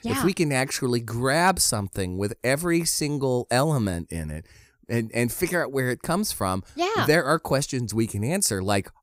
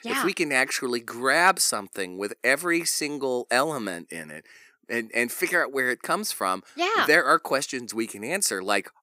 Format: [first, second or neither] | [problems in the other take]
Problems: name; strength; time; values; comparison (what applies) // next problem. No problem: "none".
first | thin; somewhat; fading below 250 Hz